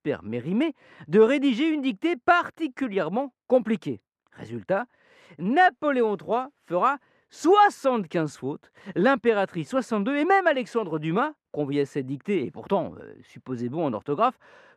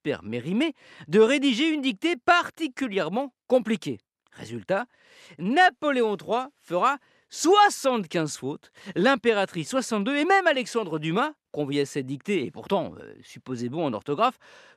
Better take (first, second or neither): second